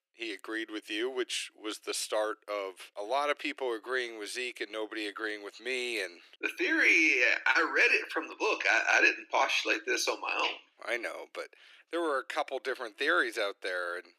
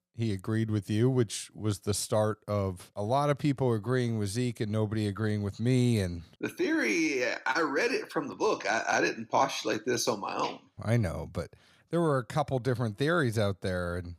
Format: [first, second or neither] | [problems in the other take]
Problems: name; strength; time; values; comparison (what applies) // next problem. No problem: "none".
second | thin; very; fading below 300 Hz